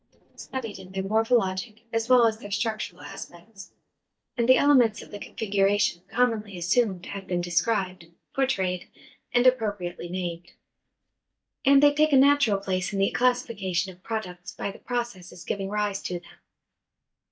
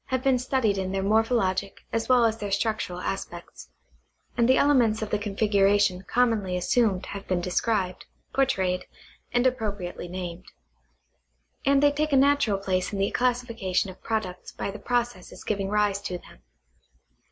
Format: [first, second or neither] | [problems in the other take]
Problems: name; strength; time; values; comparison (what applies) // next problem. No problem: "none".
second | noise reduction (neural mask model DeepFilterNet 3)